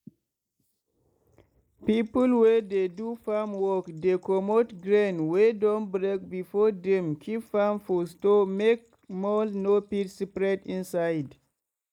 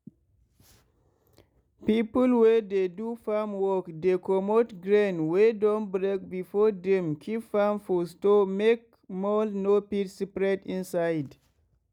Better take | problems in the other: second | noise reduction (neural mask model Resemble Enhance denoiser)

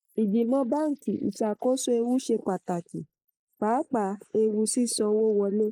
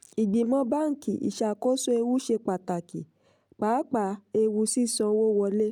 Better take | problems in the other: second | noise reduction (neural mask model Resemble Enhance denoiser)

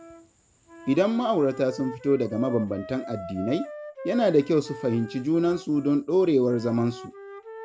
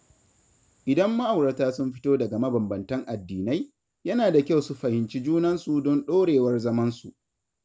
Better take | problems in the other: second | background sound (Wind instrument, woodwind instrument); 15 dB below the speech

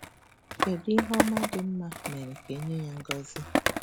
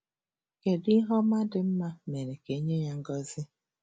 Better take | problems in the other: second | background sound (Skateboard); as loud as the speech

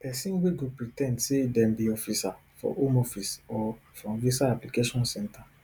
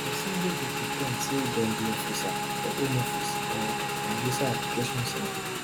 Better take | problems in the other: first | background sound (Motorcycle / Engine); 2 dB above the speech

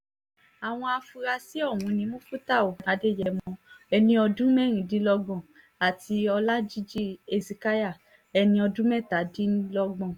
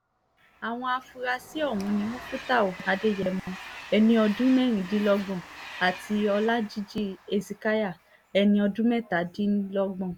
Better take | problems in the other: first | background sound (Train); 18 dB below the speech

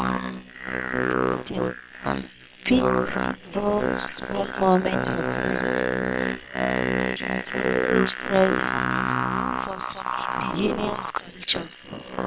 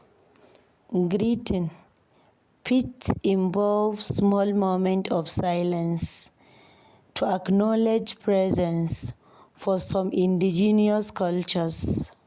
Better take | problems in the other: second | noise reduction (neural separator model SepFormer WHAM!)

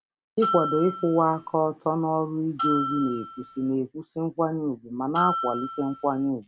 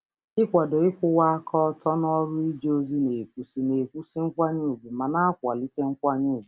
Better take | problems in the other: second | background sound (Bell); 5 dB below the speech

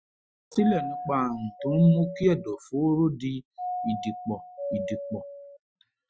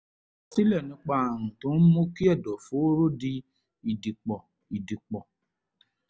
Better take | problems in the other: second | noise reduction (classical method Wiener filter)

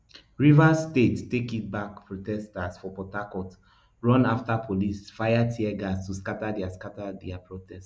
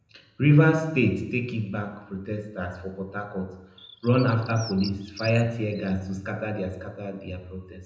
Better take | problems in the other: first | background sound (Bird); 20 dB below the speech // room echo; dies away in 0.8 s

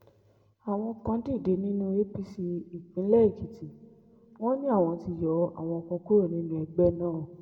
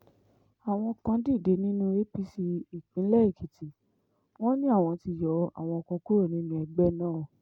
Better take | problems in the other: second | room echo; dies away in 0.9 s

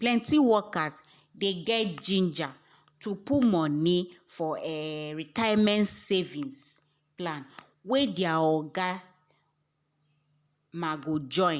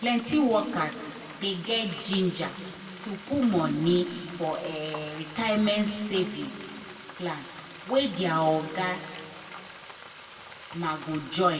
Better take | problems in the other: first | background sound (Frying (food)); 16 dB below the speech // room echo; dies away in 1.8 s

